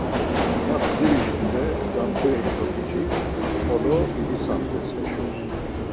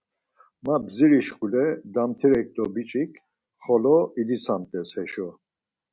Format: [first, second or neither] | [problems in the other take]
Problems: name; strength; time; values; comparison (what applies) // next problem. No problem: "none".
second | background sound (Subway, metro, underground); 3 dB above the speech